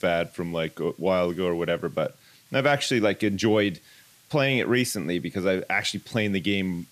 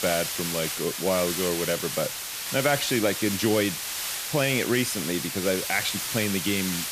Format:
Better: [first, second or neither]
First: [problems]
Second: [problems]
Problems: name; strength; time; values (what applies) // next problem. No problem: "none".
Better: first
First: hiss; faint; throughout; 30 dB below the speech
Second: hiss; loud; throughout; 2 dB below the speech